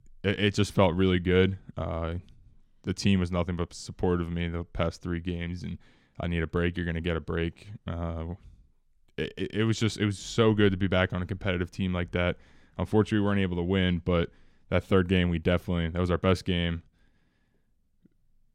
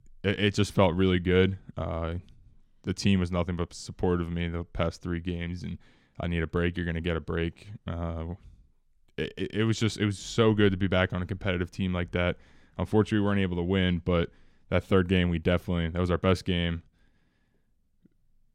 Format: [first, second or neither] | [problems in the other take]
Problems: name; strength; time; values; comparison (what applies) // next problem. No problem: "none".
neither | none